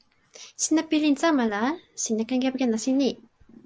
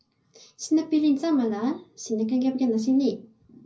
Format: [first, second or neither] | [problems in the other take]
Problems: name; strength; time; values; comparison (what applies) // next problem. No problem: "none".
first | room echo; dies away in 0.4 s